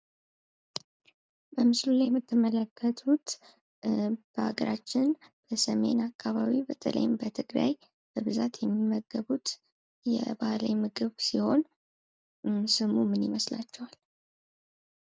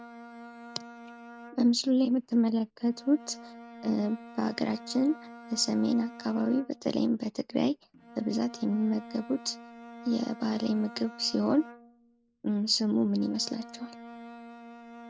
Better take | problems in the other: first | background sound (Bowed string instrument); 17 dB below the speech

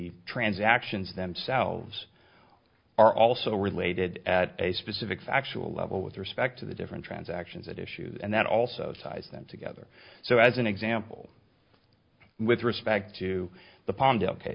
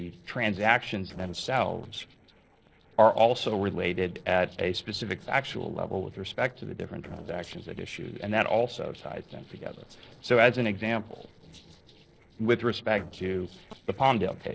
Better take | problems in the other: first | noise reduction (neural separator model SepFormer DNS4)

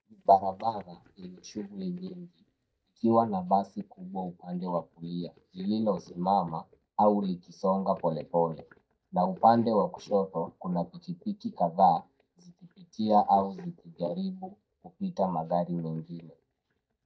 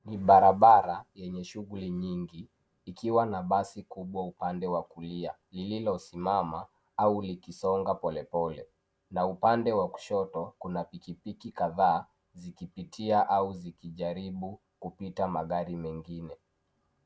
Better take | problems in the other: second | noise reduction (neural mask model DeepFilterNet 3)

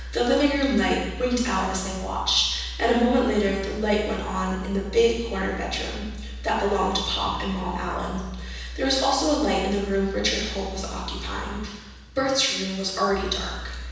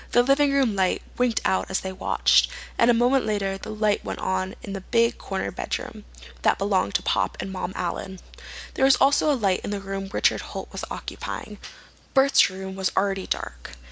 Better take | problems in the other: second | room echo; dies away in 1.1 s

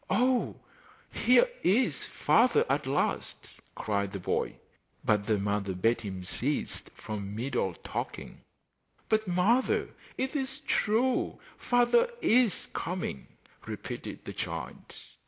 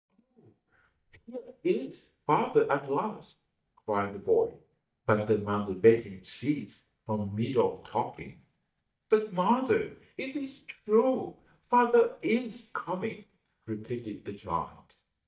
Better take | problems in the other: first | noise reduction (neural mask model DeepFilterNet 3)

